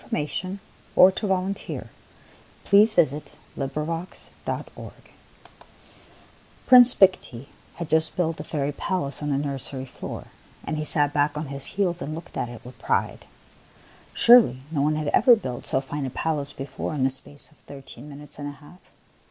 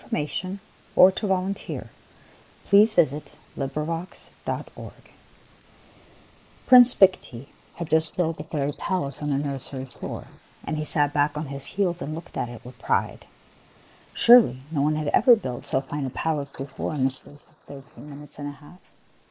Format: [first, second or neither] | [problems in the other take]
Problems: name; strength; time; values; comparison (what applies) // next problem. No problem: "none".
first | noise reduction (neural mask model Resemble Enhance denoiser)